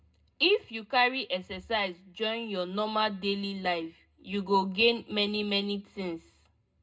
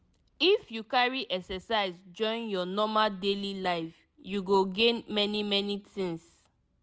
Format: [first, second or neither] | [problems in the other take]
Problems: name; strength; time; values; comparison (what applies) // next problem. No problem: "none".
second | room echo; dies away in 0.2 s